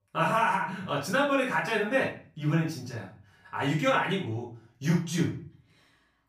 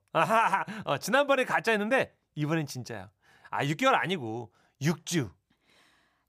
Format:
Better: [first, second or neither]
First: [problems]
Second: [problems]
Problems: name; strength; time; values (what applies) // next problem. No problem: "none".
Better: second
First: off-mic speech; far // room echo; slight; dies away in 0.4 s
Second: none